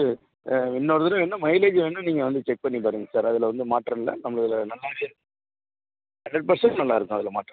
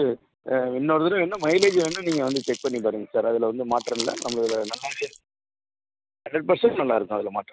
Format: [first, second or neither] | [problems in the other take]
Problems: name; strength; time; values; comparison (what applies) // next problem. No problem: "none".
first | background sound (Crumpling, crinkling); 12 dB below the speech